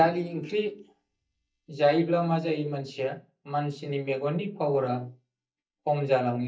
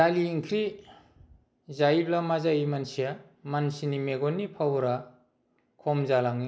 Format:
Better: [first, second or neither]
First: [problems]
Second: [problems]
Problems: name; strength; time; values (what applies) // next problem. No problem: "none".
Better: second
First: noise reduction (neural mask model DeepFilterNet 3)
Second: none